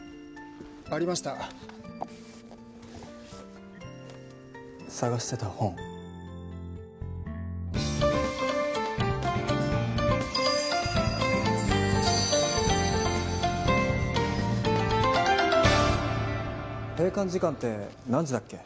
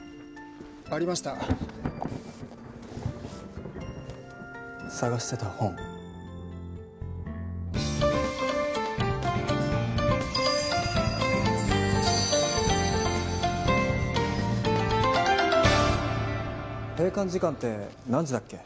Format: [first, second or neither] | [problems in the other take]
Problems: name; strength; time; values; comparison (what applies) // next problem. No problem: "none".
first | background sound (Thunder + Wind instrument, woodwind instrument); 14 dB below the speech